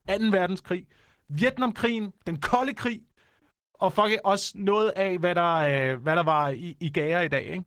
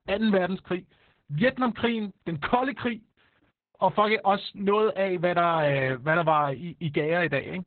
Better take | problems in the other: first | garbled, watery; badly; nothing above 4 kHz; slightly in the first

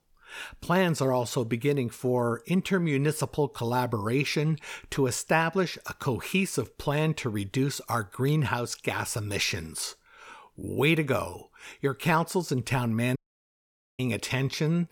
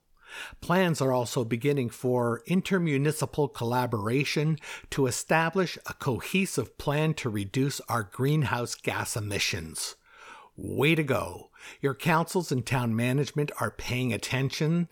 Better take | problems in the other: second | audio cutting out; at 13 s for 1 s

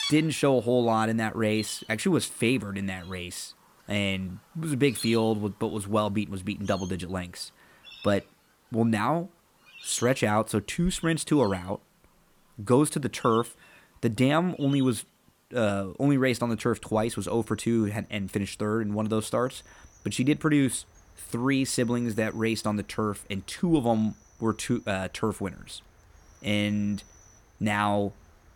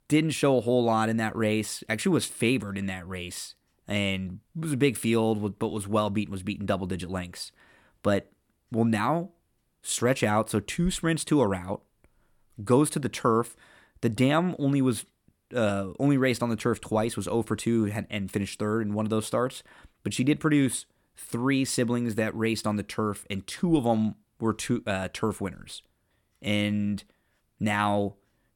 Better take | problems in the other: second | animal sounds; noticeable; throughout; 20 dB below the speech

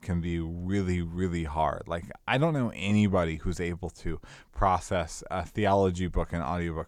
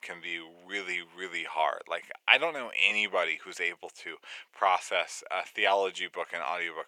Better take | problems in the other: first | thin; very; fading below 500 Hz

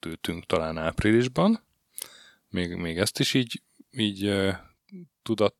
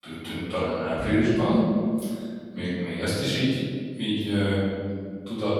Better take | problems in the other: first | off-mic speech; far // room echo; strong; dies away in 2.1 s

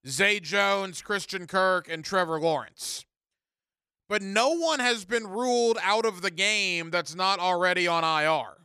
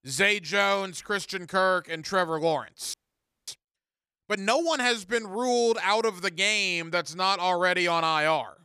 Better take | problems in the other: first | audio freezing; at 3 s for 0.5 s

